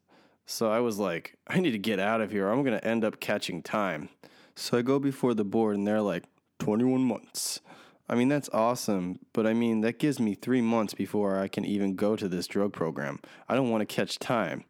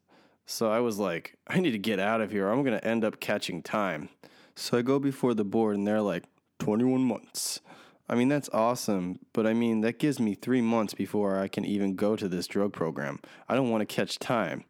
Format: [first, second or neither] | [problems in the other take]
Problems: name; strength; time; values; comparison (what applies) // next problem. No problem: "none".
neither | none